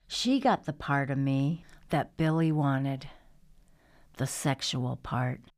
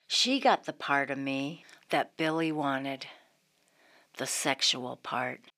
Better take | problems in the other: first | thin; somewhat; fading below 400 Hz

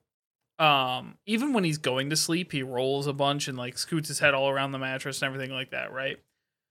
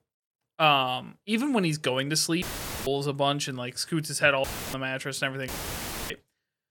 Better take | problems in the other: first | audio cutting out; filled with static; at 2.5 s, at 4.5 s and at 5.5 s for 0.5 s

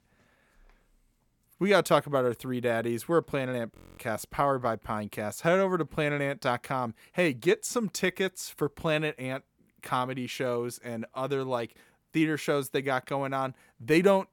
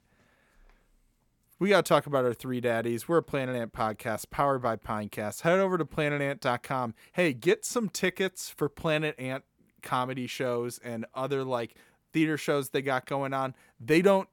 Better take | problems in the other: second | audio freezing; at 4 s

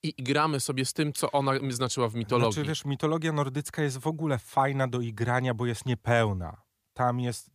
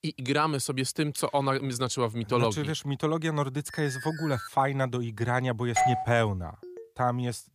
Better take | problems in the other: first | alarm; faint; at 3.5 s; peak 10 dB below the speech // doorbell; loud; at 6 s; peak 2 dB above the speech // phone ringing; faint; at 6.5 s; peak 15 dB below the speech

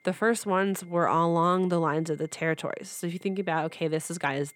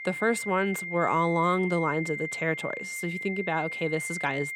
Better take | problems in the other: first | high-pitched whine; loud; throughout; 2 kHz, 5 dB below the speech; faint in the first

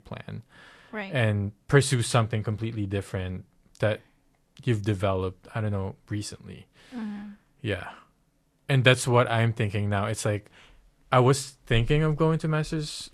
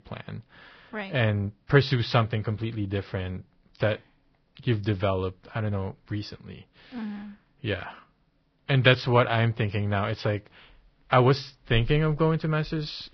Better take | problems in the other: first | garbled, watery; badly; nothing above 5.5 kHz; slightly in the first

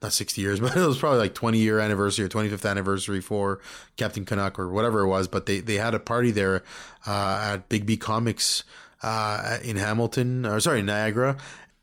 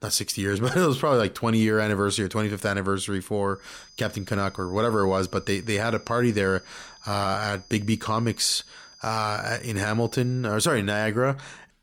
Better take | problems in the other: first | high-pitched whine; faint; from 3.5 to 10 s; 5 kHz, 25 dB below the speech

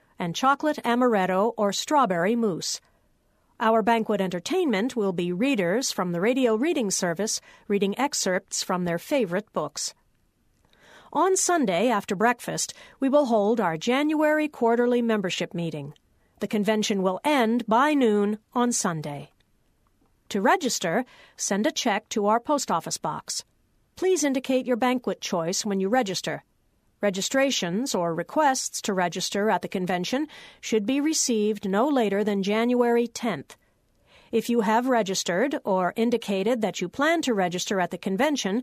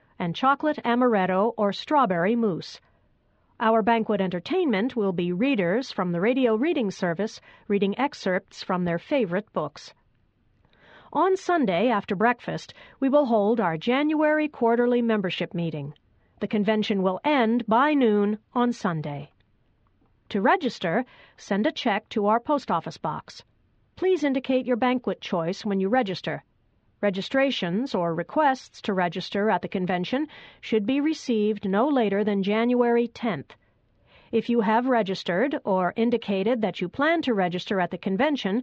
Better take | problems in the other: first | muffled; slightly; fading above 3.5 kHz

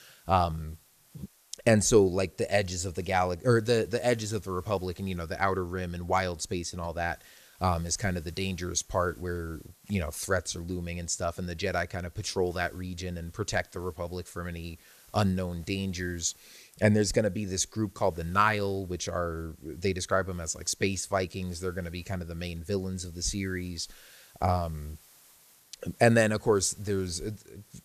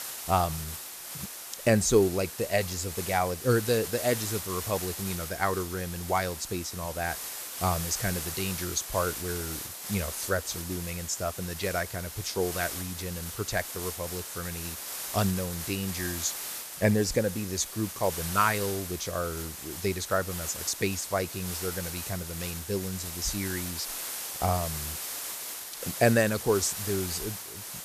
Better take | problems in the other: first | hiss; loud; throughout; 5 dB below the speech; faint in the first

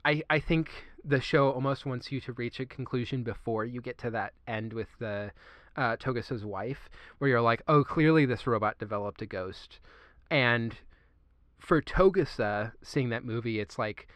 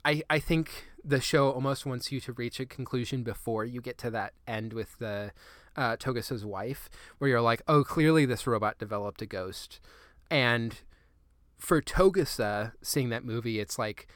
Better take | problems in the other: second | muffled; slightly; fading above 3 kHz

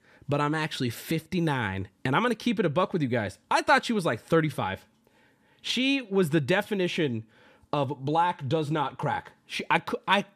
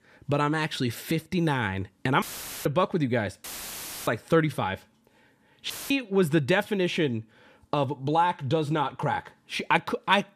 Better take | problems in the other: first | audio cutting out; filled with static; at 2 s, at 3.5 s for 0.5 s and at 5.5 s

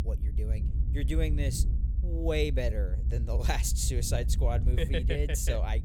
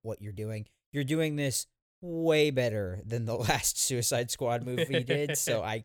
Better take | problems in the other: second | low rumble; noticeable; throughout; 15 dB below the speech

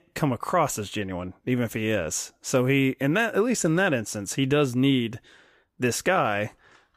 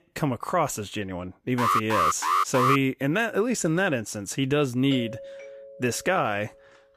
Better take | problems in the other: first | alarm; loud; from 1.5 to 3 s; peak 4 dB above the speech // doorbell; faint; from 5 s on; peak 10 dB below the speech

